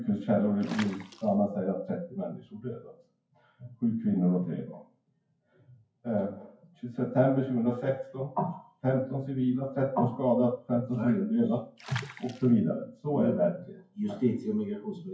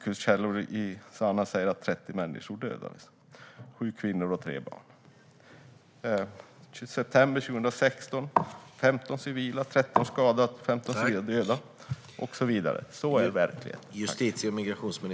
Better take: second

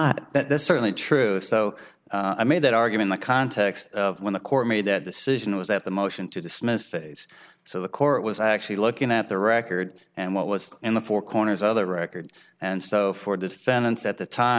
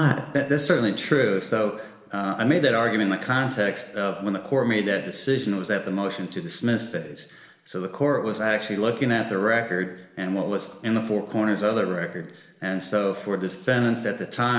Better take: first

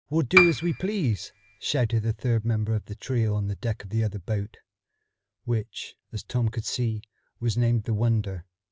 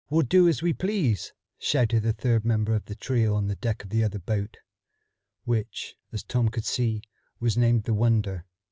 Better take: second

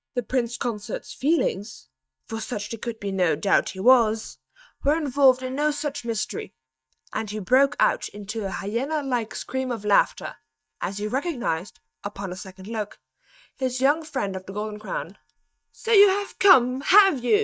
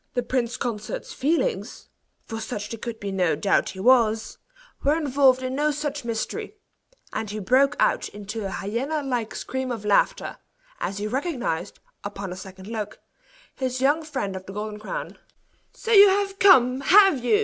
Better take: second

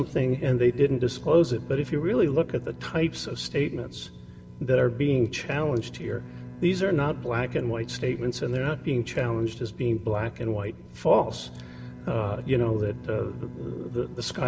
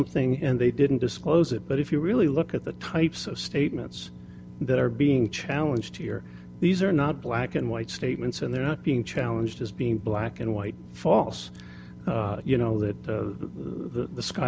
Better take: second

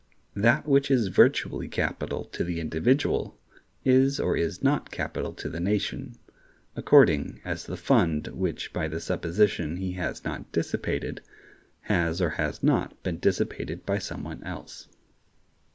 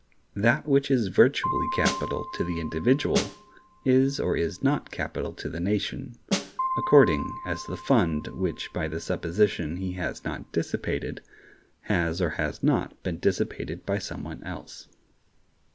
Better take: first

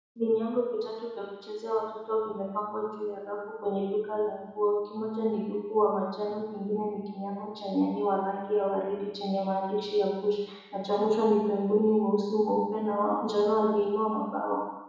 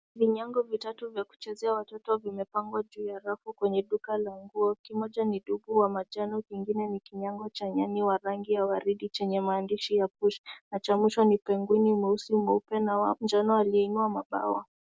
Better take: second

